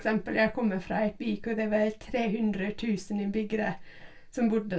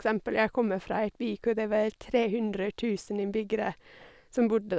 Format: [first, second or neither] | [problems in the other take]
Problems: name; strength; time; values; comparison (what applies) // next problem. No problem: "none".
second | room echo; dies away in 0.2 s